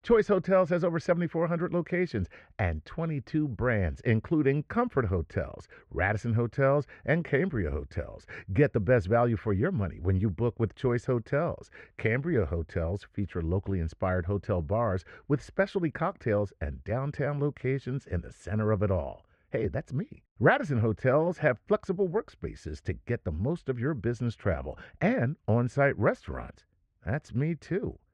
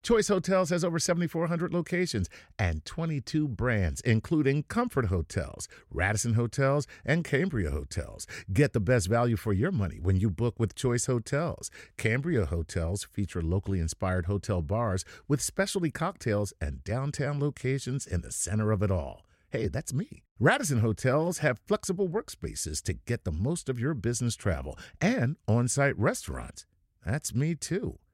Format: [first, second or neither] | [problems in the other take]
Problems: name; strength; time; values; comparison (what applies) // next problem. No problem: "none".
second | muffled; very; fading above 2 kHz